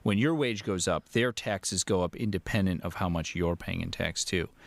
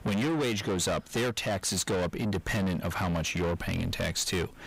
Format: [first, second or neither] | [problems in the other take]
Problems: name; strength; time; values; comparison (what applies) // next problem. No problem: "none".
first | distortion; heavy; 6 dB below the speech